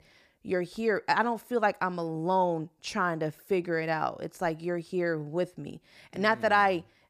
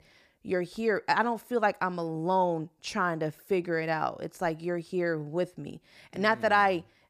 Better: neither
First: none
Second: none

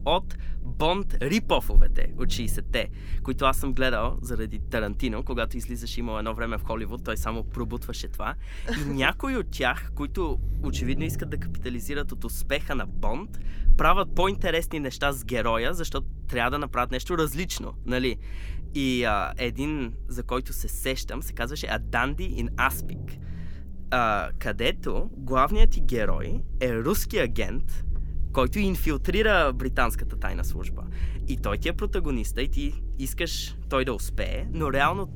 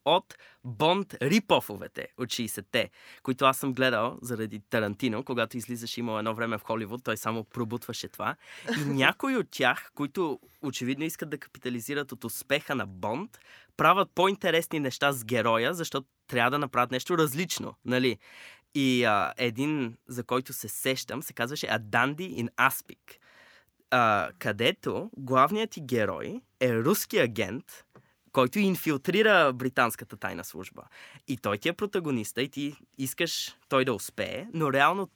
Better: second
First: low rumble; faint; throughout; 25 dB below the speech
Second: none

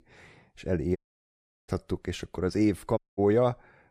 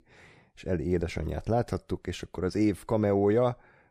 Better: second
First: audio cutting out; at 1 s for 0.5 s and at 3 s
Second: none

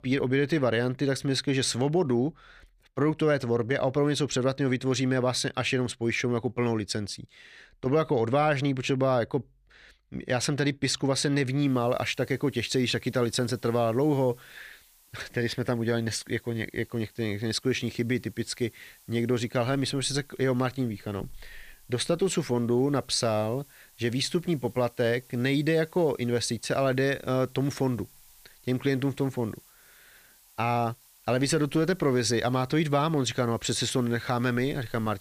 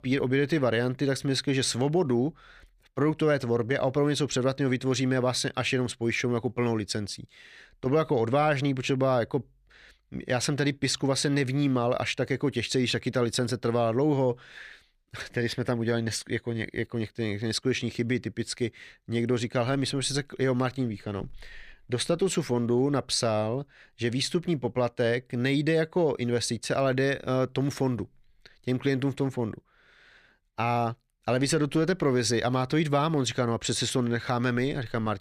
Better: second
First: hiss; faint; from 12 s on; 25 dB below the speech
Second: none

